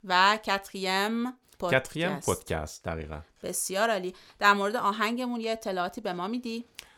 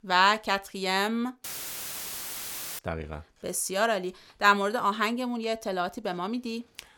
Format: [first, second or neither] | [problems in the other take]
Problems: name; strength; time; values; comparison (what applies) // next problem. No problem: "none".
first | audio cutting out; filled with static; at 1.5 s for 1.5 s